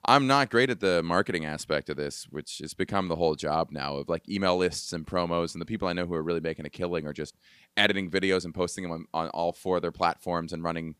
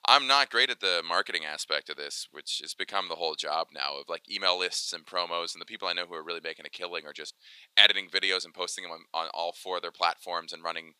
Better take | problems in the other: first | thin; very; fading below 700 Hz

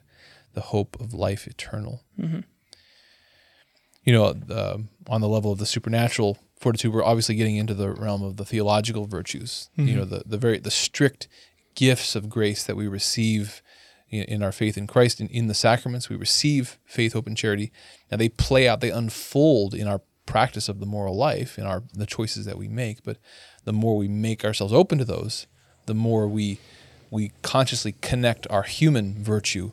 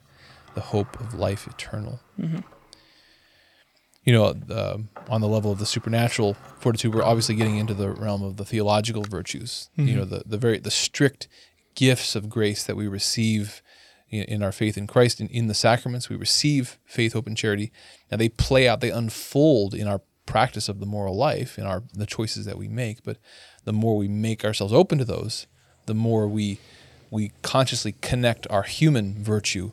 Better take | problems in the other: first | door banging; faint; from 0.5 to 9 s; peak 10 dB below the speech

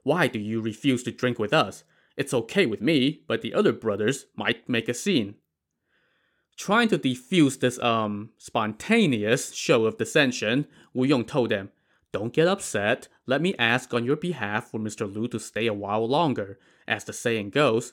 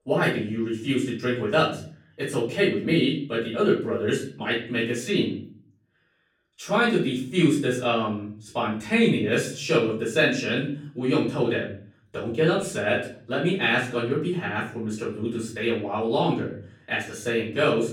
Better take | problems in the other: first | off-mic speech; far // room echo; slight; dies away in 0.5 s

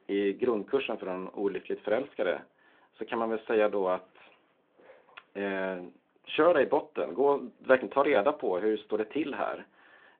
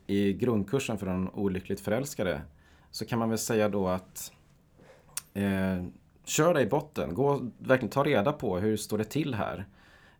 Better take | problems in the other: second | phone-call audio; nothing above 3.5 kHz

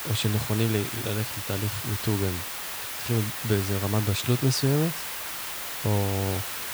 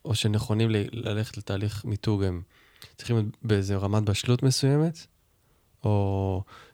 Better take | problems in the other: second | hiss; loud; throughout; 4 dB below the speech

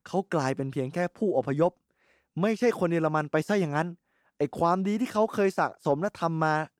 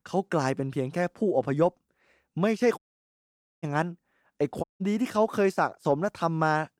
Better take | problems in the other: first | audio cutting out; at 3 s for 1 s and at 4.5 s

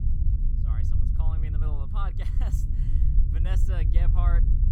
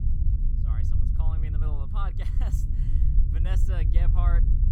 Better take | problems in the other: neither | low rumble; loud; throughout; 3 dB below the speech; the same in both

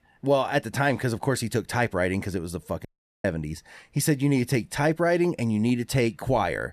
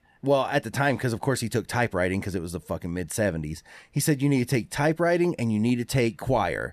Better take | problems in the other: second | audio cutting out; at 3 s

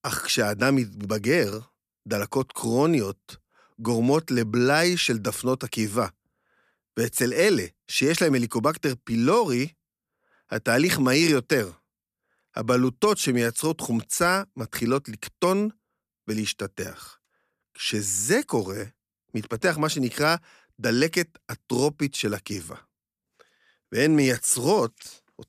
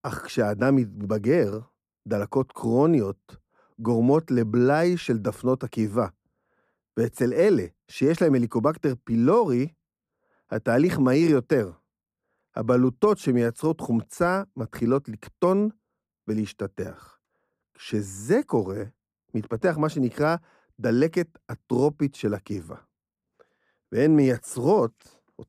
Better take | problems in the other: first | muffled; slightly; fading above 1.5 kHz

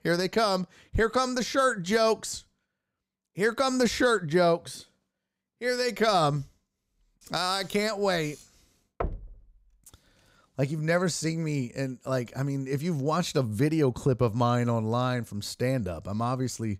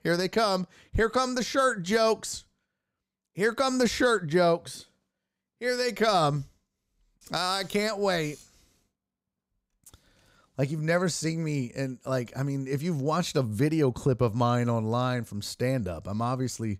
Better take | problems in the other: second | door banging; noticeable; at 9 s; peak 8 dB below the speech

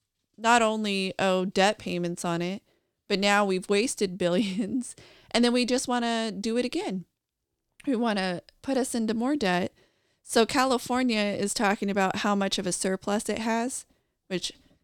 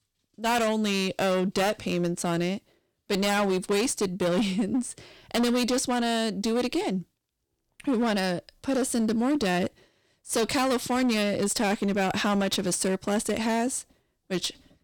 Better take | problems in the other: first | distortion; heavy; 14% of the sound clipped

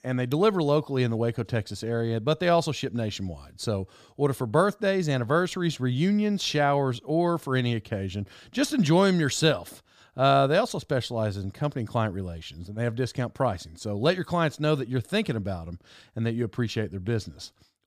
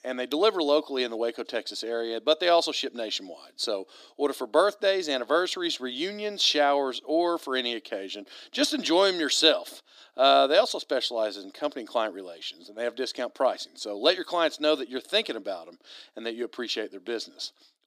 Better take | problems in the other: first | thin; somewhat; fading below 300 Hz

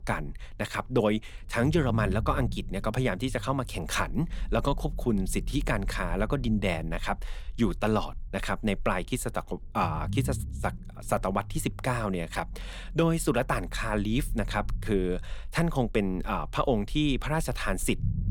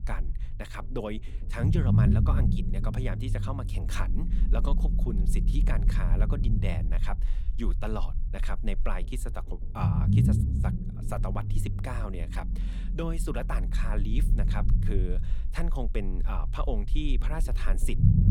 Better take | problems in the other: first | low rumble; loud; throughout; 2 dB below the speech; faint in the first

